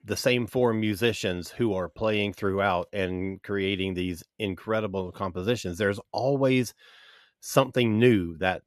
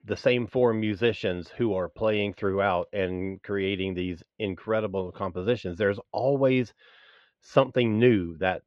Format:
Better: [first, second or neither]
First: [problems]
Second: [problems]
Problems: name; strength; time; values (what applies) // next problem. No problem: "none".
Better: first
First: none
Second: muffled; slightly; fading above 3.5 kHz